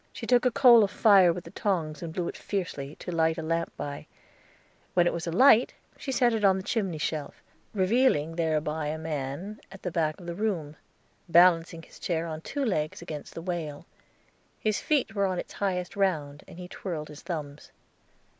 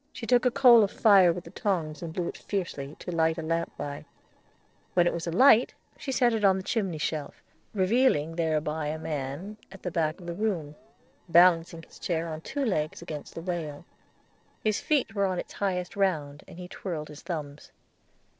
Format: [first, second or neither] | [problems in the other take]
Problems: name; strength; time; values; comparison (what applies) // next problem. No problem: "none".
first | noise reduction (neural separator model SepFormer DNS4)